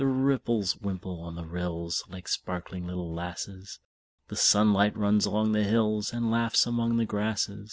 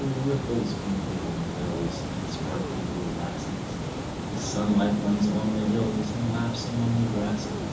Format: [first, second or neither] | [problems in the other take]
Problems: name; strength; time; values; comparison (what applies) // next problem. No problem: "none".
first | background sound (Water); 3 dB below the speech // room echo; dies away in 1.2 s